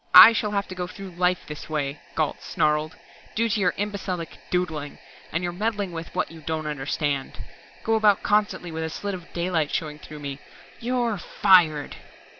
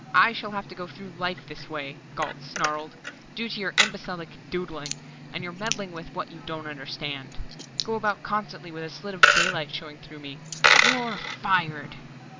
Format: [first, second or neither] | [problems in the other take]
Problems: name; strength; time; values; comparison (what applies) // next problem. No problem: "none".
first | background sound (Coin (dropping)); 2 dB above the speech